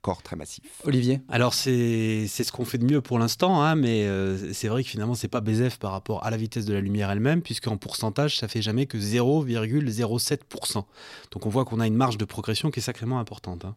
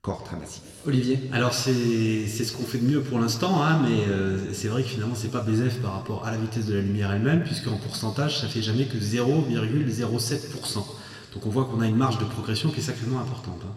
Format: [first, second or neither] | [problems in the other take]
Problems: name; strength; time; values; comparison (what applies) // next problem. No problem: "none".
first | room echo; slight; dies away in 2 s